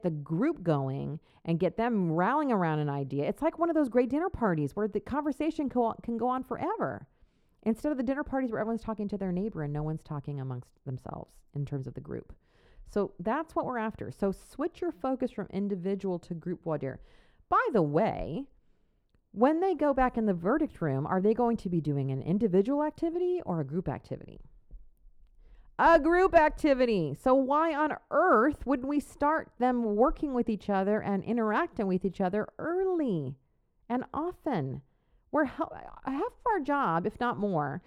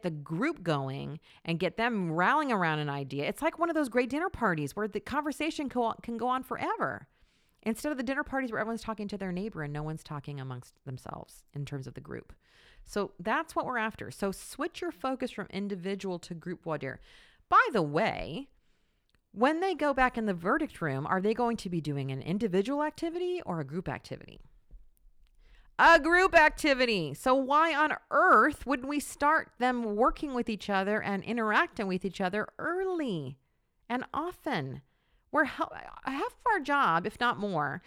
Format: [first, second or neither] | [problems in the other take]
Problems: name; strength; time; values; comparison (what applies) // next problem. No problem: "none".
second | muffled; slightly; fading above 1 kHz